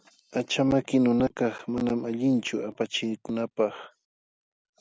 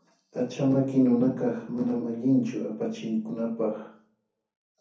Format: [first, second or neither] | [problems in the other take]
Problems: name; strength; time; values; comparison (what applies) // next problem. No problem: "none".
first | room echo; dies away in 0.6 s